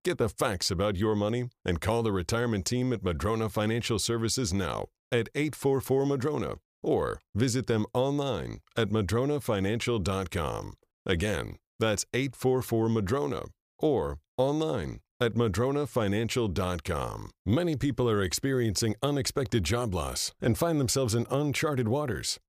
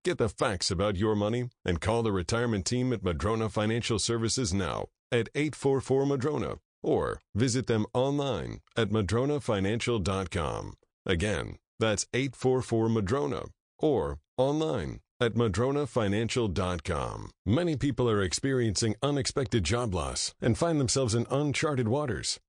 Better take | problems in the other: first | garbled, watery; slightly; nothing above 9 kHz

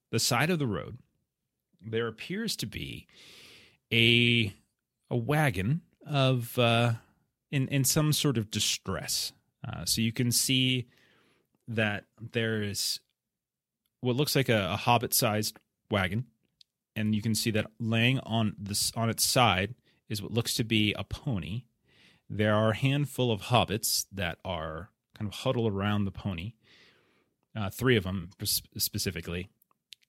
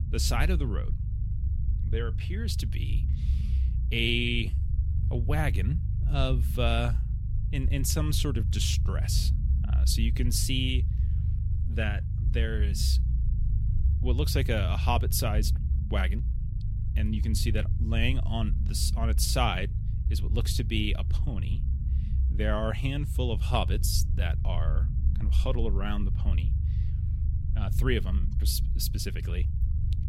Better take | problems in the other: first | low rumble; noticeable; throughout; 15 dB below the speech

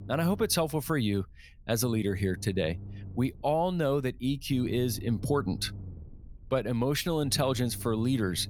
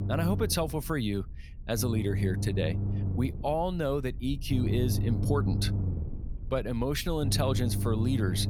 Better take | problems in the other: first | low rumble; loud; throughout; 10 dB below the speech; faint in the first

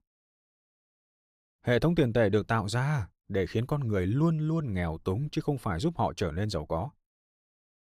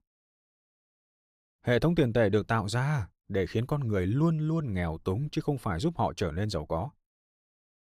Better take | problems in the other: neither | none

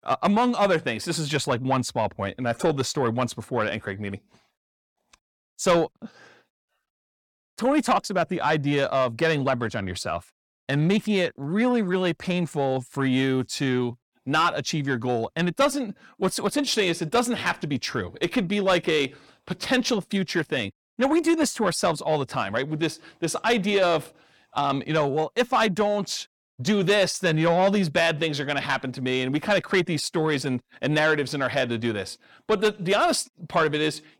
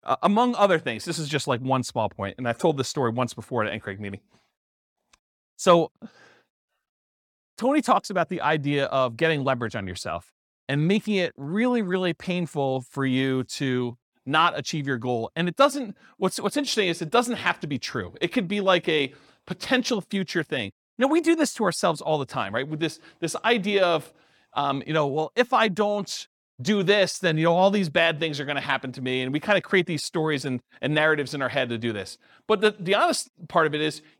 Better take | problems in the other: second | distortion; slight; 10 dB below the speech

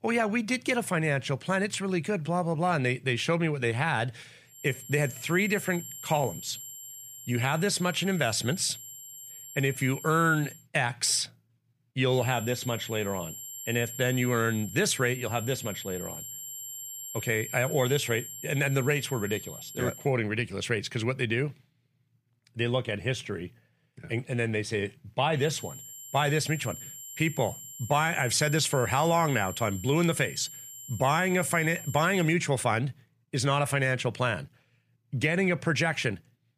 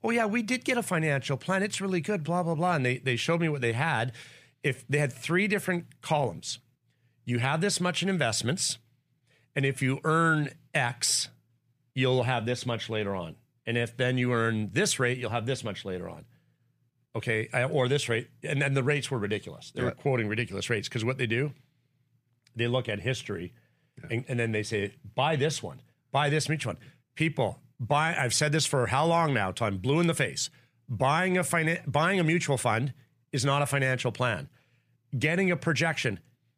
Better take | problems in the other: second | high-pitched whine; noticeable; from 4.5 to 11 s, from 12 to 20 s and from 25 to 32 s; 7.5 kHz, 10 dB below the speech

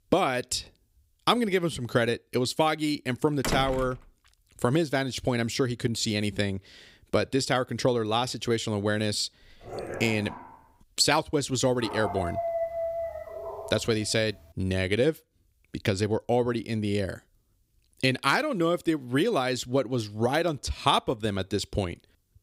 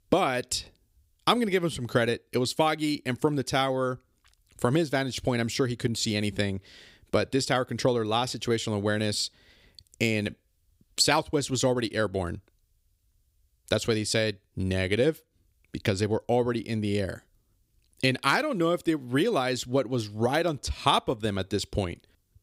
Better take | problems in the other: second | door banging; noticeable; at 3.5 s; peak 4 dB below the speech // dog barking; noticeable; from 9.5 to 11 s and from 12 to 14 s; peak 3 dB below the speech

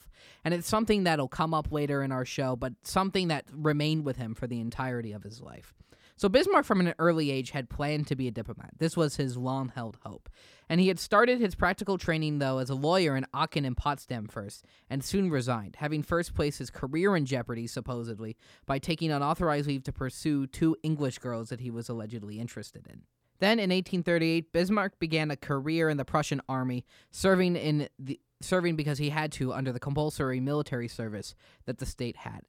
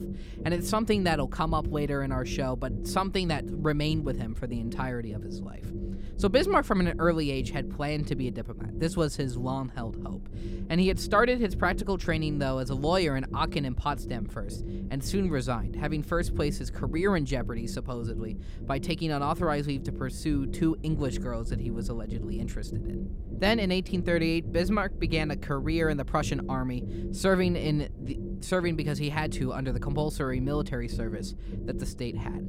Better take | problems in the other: first | low rumble; noticeable; throughout; 15 dB below the speech

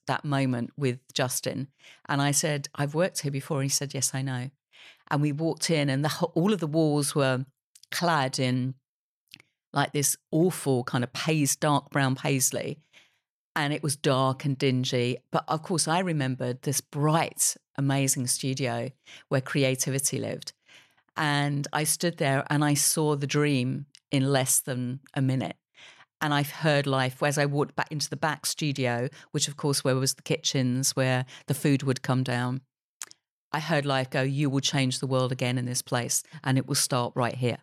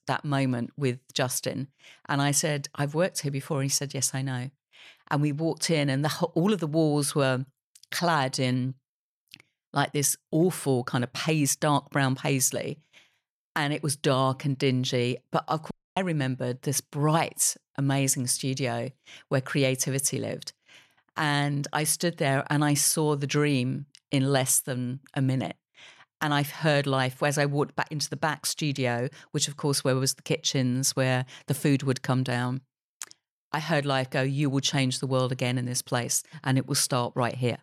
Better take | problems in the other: first | audio cutting out; at 16 s

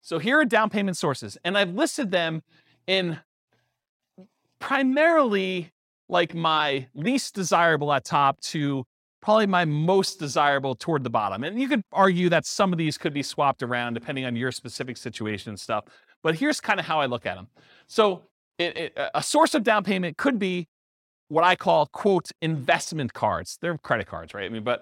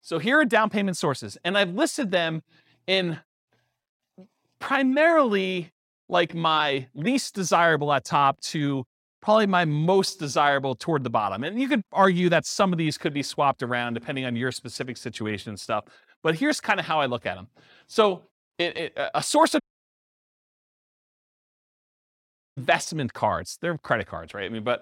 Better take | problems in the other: first | audio cutting out; at 20 s for 3 s

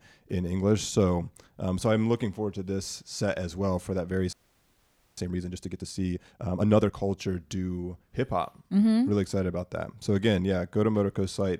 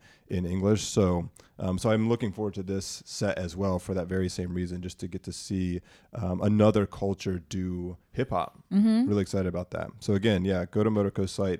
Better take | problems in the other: second | audio freezing; at 4.5 s for 1 s

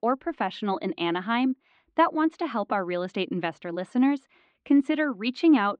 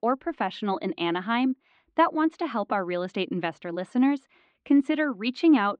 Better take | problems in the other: neither | muffled; slightly; fading above 3.5 kHz; the same in both

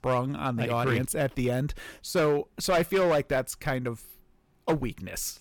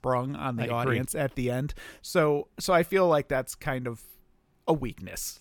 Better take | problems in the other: second | distortion; slight; 6% of the sound clipped

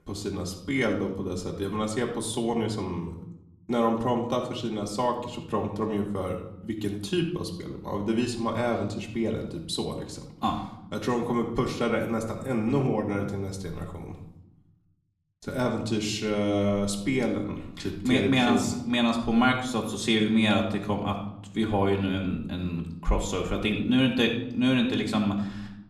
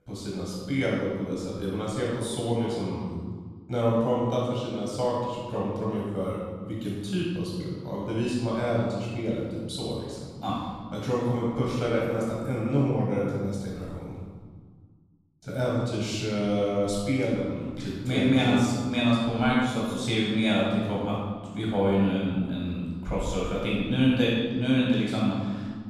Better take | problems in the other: first | room echo; strong; dies away in 1.6 s; slight in the first // off-mic speech; far; far in the first

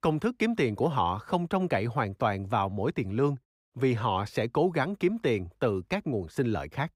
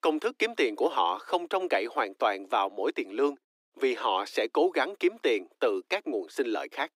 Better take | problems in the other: first | thin; somewhat; fading below 300 Hz

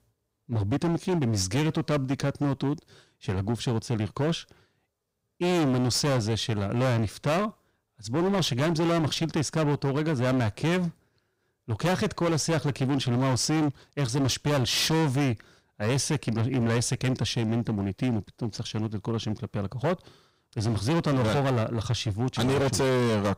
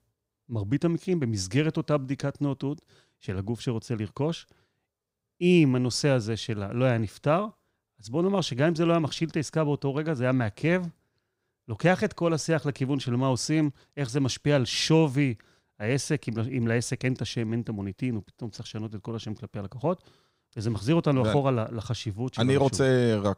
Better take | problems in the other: second | distortion; heavy; 21% of the sound clipped

